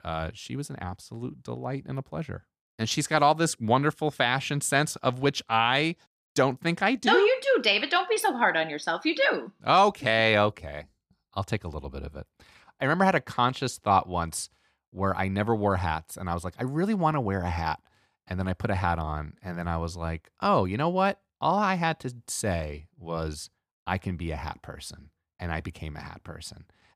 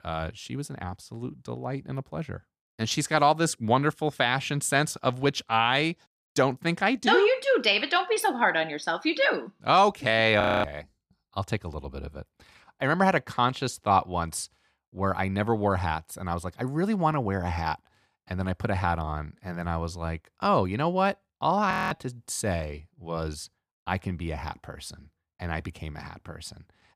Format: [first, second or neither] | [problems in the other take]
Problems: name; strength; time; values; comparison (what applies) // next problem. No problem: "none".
first | audio freezing; at 10 s and at 22 s